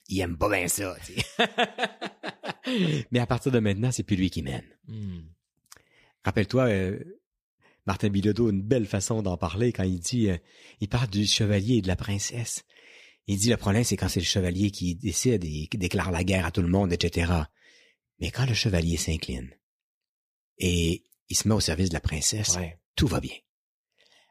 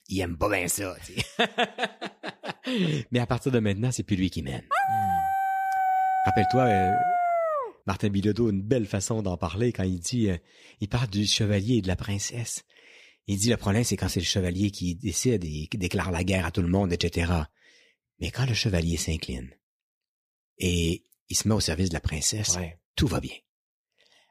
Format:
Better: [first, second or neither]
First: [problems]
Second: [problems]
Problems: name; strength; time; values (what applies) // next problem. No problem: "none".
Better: first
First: none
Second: dog barking; loud; from 4.5 to 7.5 s; peak 3 dB above the speech